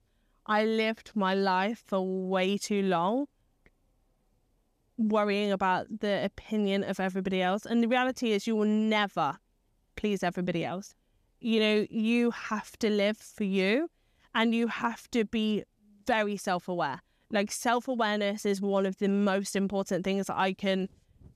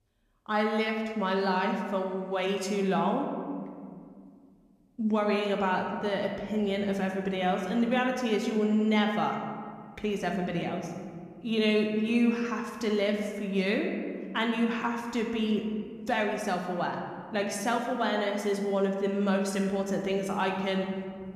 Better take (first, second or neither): first